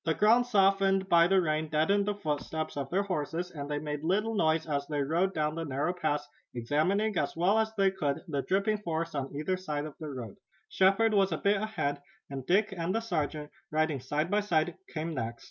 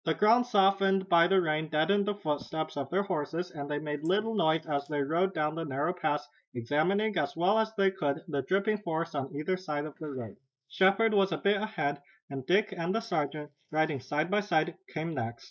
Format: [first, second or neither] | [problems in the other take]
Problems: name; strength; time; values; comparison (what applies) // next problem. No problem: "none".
first | noise reduction (neural mask model Resemble Enhance denoiser)